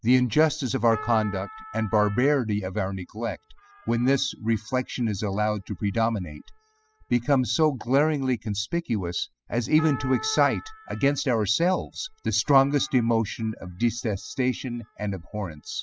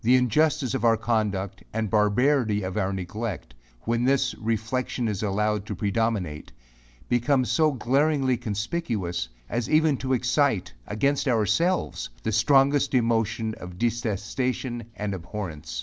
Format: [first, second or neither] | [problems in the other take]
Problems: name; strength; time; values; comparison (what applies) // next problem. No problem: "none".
second | noise reduction (classical method spectral subtraction)